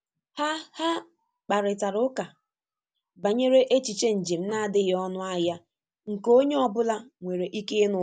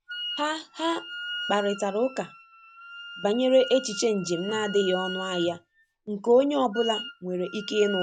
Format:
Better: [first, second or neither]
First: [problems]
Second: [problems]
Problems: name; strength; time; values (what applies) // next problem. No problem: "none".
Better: first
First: none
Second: background sound (Wind instrument, woodwind instrument); 11 dB below the speech